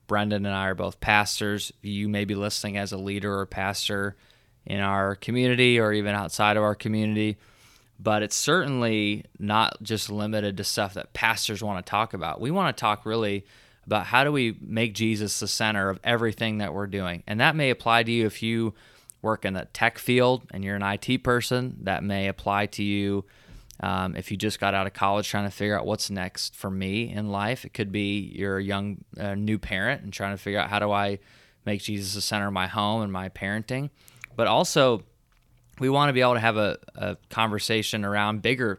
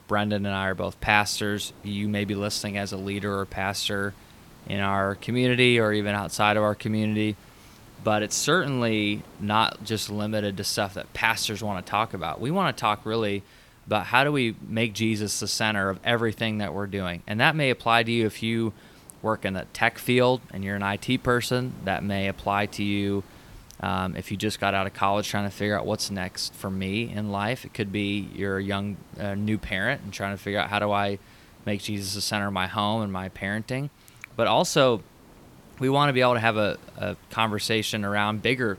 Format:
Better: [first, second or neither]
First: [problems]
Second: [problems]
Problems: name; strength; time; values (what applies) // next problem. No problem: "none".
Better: first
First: none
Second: hiss; faint; throughout; 25 dB below the speech